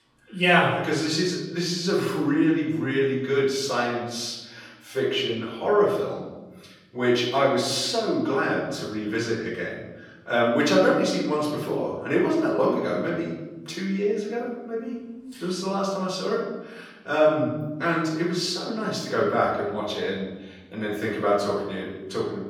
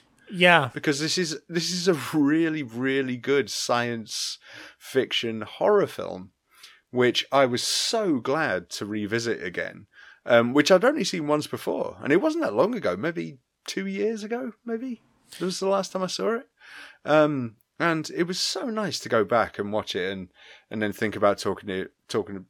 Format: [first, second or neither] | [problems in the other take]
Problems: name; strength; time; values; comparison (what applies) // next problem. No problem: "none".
second | off-mic speech; far // room echo; noticeable; dies away in 1.2 s